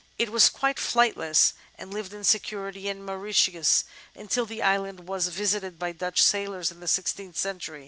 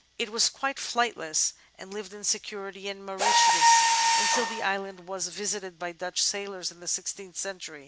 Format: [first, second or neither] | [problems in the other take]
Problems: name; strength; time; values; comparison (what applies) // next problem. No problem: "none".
first | background sound (Mechanisms); 2 dB above the speech